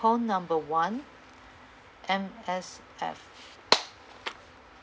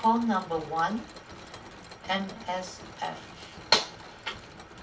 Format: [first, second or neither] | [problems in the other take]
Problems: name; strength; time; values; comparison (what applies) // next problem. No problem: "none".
first | background sound (Mechanisms); 15 dB below the speech // room echo; dies away in 0.2 s